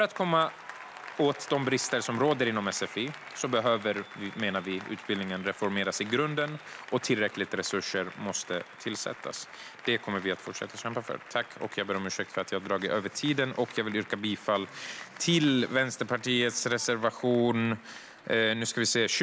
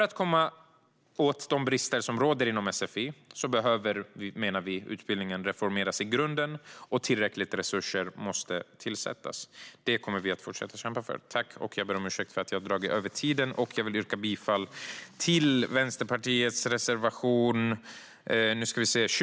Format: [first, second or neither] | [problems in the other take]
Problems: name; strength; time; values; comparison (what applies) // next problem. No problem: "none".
second | background sound (Applause); 17 dB below the speech